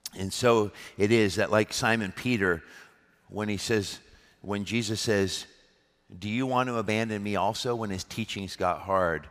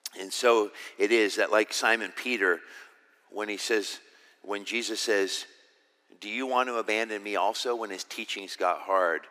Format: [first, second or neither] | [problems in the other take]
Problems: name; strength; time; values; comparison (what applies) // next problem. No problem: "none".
first | thin; somewhat; fading below 300 Hz